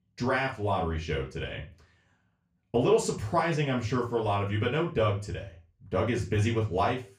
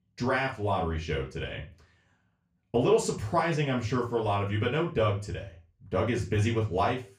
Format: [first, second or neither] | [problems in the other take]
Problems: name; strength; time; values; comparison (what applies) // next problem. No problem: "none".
neither | room echo; slight; dies away in 0.3 s; the same in both // off-mic speech; far; the same in both